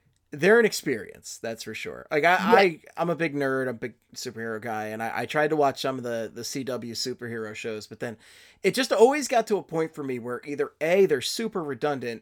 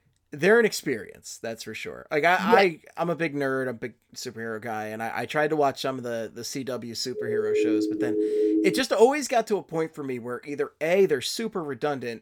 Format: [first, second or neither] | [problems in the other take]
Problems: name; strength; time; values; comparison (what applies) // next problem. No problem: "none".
first | siren; loud; from 7 to 9 s; peak 2 dB above the speech